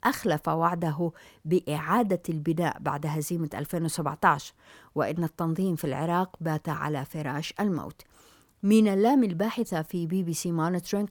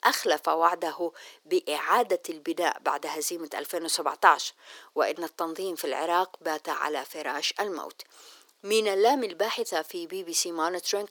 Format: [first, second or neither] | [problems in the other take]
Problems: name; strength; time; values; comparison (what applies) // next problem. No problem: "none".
first | thin; very; fading below 350 Hz